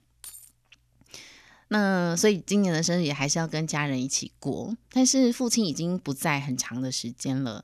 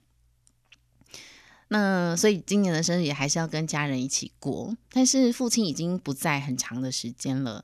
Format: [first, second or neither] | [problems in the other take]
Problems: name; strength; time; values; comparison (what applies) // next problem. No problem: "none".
second | jangling keys; faint; at the start; peak 15 dB below the speech